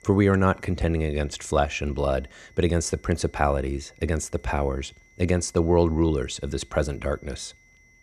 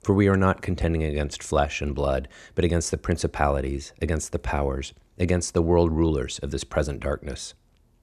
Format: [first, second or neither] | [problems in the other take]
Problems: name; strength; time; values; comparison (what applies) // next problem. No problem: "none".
second | high-pitched whine; faint; throughout; 2 kHz, 30 dB below the speech